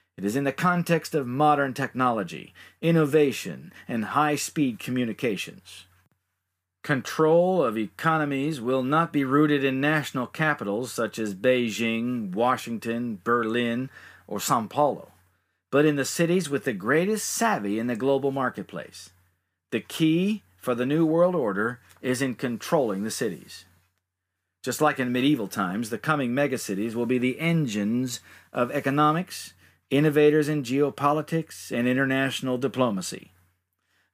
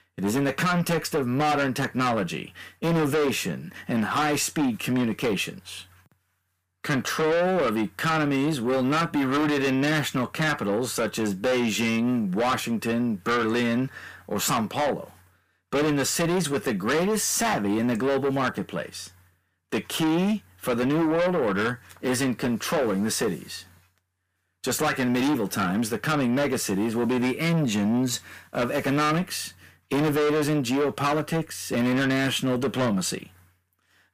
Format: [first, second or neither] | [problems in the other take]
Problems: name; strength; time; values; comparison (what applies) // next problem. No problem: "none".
first | distortion; heavy; 6 dB below the speech